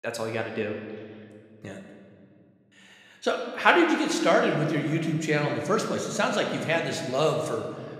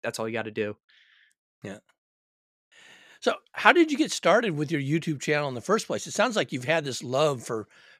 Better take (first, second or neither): second